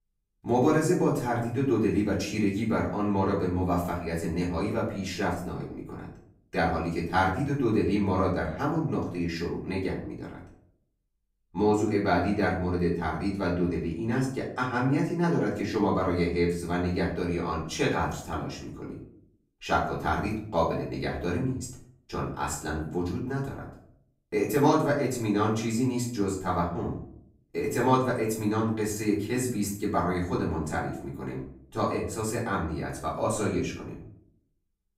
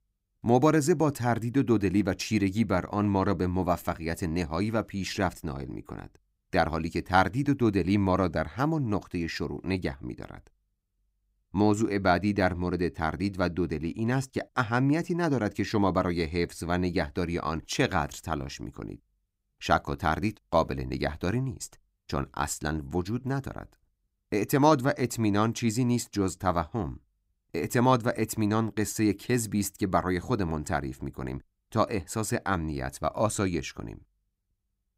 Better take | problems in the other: second | room echo; slight; dies away in 0.4 s // off-mic speech; far

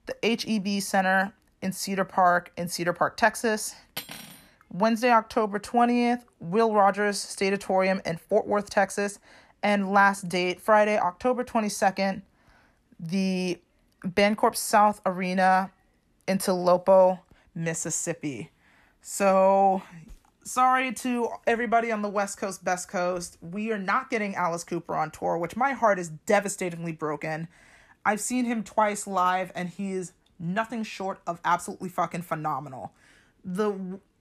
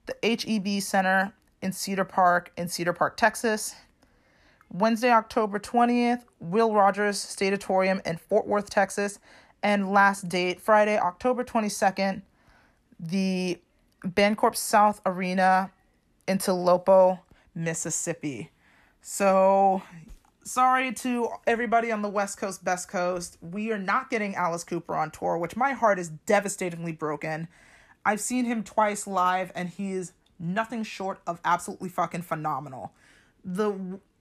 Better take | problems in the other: second | clattering dishes; faint; at 4 s; peak 10 dB below the speech

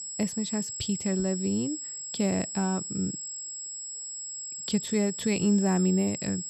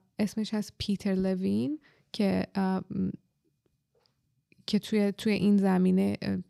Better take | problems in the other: second | high-pitched whine; loud; throughout; 7.5 kHz, 6 dB below the speech

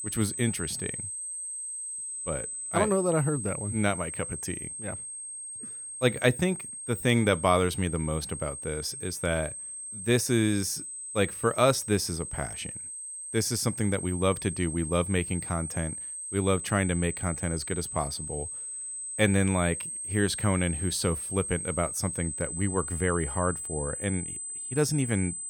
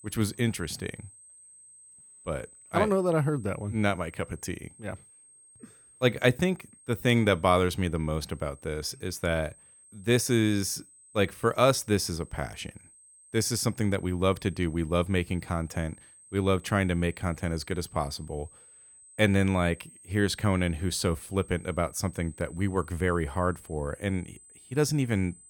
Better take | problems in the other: second | high-pitched whine; loud; throughout; 8 kHz, 6 dB below the speech; faint in the second

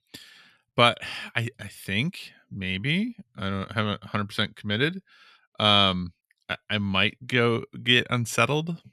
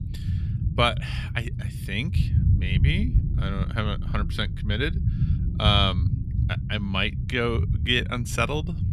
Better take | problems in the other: first | low rumble; noticeable; throughout; 15 dB below the speech

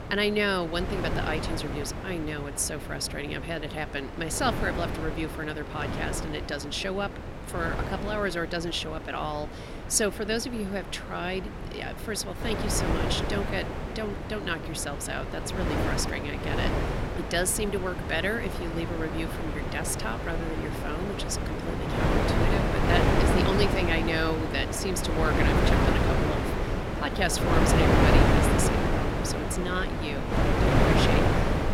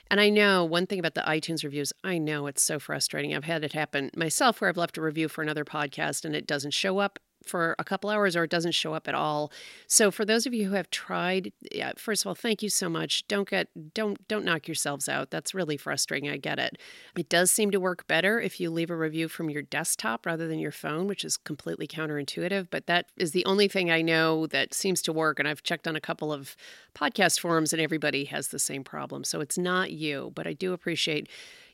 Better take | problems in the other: second | wind noise on the microphone; heavy; 1 dB above the speech

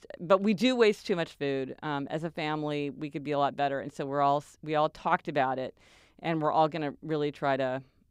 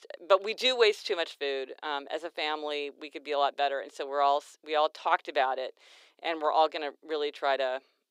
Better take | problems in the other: first | thin; very; fading below 400 Hz

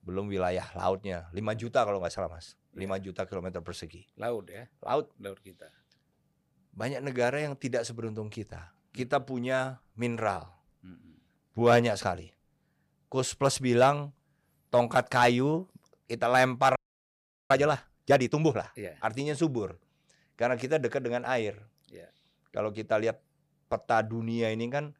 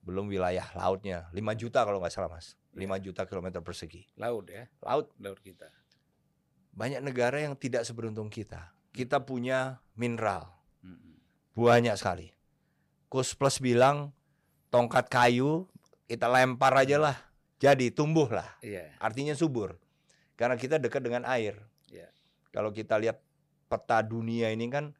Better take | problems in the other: second | audio freezing; at 17 s for 0.5 s

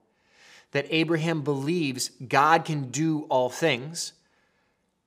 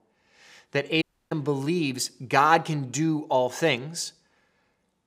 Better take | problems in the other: first | audio cutting out; at 1 s

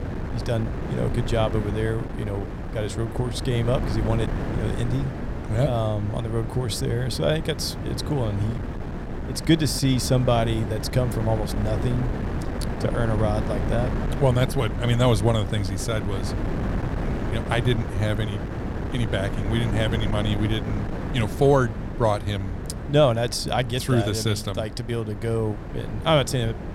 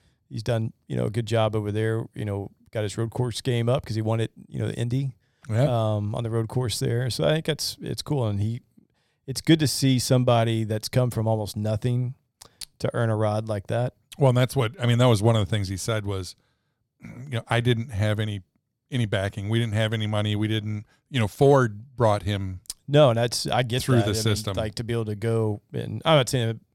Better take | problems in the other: second | wind noise on the microphone; heavy; 8 dB below the speech

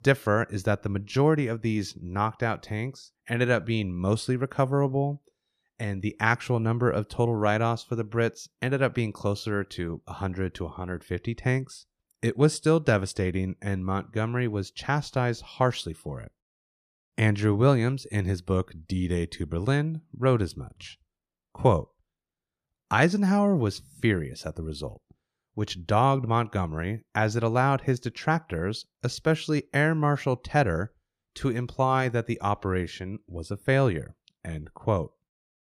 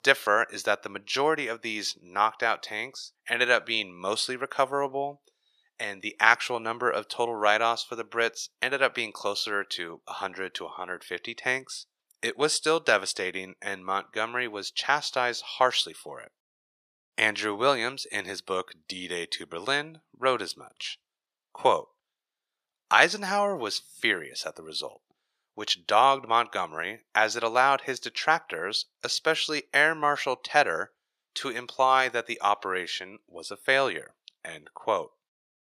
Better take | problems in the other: first | thin; very; fading below 650 Hz

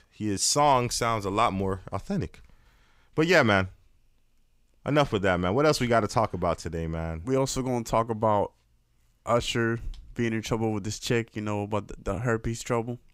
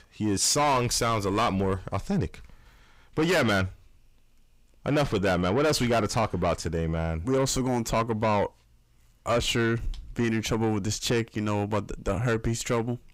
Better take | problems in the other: first | distortion; heavy; 7 dB below the speech

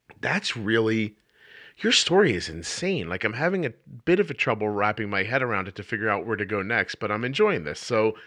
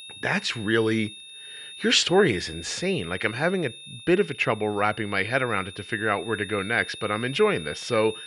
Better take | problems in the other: first | high-pitched whine; noticeable; throughout; 3.5 kHz, 15 dB below the speech

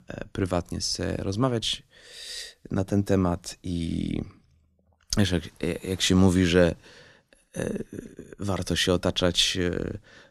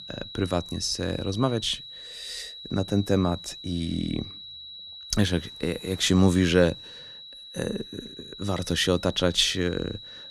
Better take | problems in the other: first | high-pitched whine; noticeable; throughout; 4 kHz, 15 dB below the speech

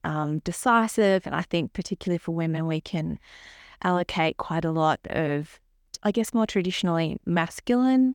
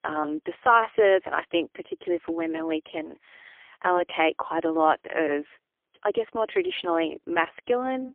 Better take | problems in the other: first | phone-call audio; poor line; nothing above 3.5 kHz

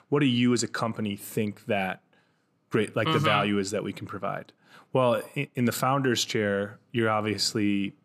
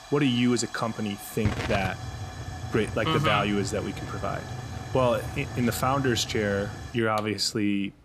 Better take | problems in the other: first | hiss; loud; throughout; 9 dB below the speech

